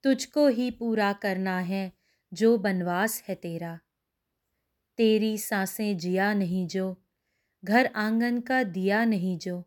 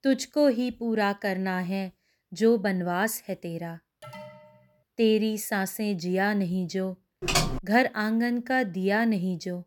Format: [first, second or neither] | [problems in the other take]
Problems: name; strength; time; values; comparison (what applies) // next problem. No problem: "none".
first | alarm; faint; at 4 s; peak 15 dB below the speech // keyboard typing; loud; at 7 s; peak 1 dB above the speech